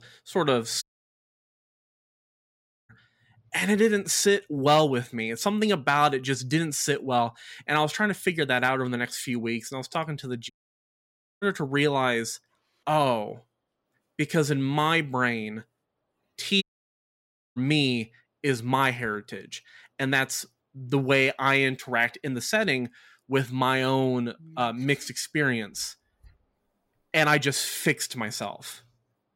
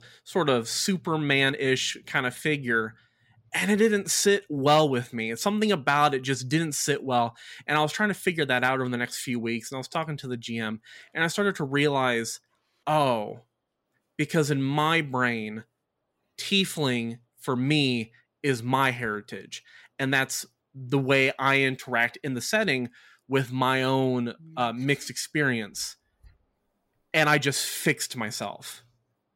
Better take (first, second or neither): second